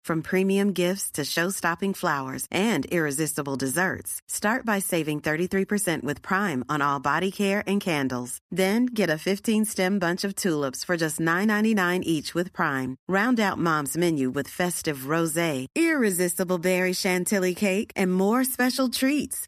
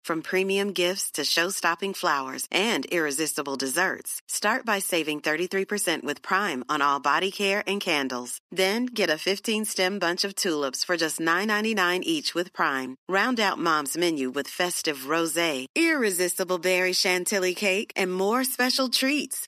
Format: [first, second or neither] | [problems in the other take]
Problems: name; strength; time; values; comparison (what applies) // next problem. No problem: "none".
first | thin; very slightly; fading below 350 Hz